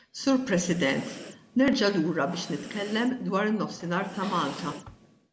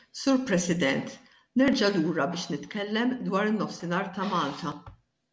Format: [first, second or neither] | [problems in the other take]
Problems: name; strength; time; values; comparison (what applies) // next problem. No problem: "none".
second | background sound (Breathing); 17 dB below the speech